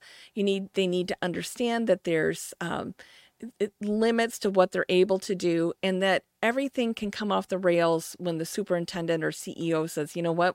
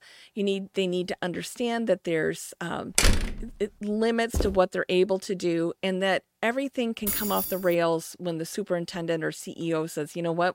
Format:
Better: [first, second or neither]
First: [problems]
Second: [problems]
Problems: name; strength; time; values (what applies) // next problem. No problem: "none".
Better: first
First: none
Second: door banging; loud; at 3 s; peak 5 dB above the speech // footsteps; noticeable; at 4.5 s; peak 4 dB below the speech // jangling keys; loud; at 7 s; peak 1 dB above the speech